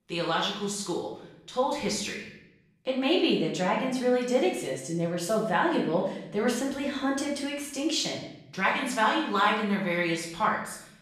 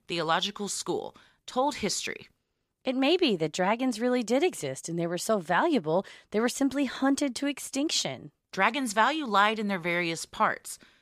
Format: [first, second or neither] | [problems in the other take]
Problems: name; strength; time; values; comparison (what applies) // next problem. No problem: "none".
second | room echo; noticeable; dies away in 0.7 s // off-mic speech; far